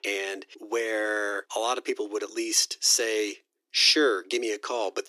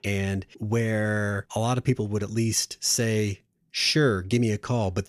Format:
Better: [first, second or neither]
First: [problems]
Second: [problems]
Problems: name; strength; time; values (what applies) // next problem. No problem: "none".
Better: second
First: thin; very; fading below 300 Hz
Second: none